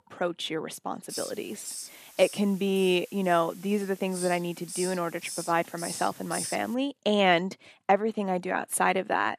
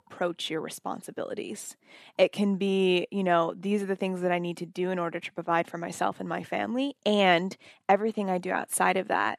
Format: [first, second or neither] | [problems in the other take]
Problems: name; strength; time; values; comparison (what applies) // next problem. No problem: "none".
second | hiss; noticeable; from 1 to 7 s; 10 dB below the speech